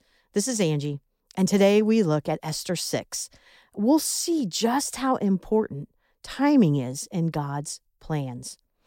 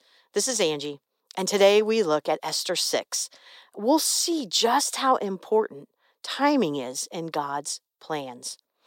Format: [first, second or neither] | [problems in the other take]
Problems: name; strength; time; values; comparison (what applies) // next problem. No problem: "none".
first | thin; somewhat; fading below 450 Hz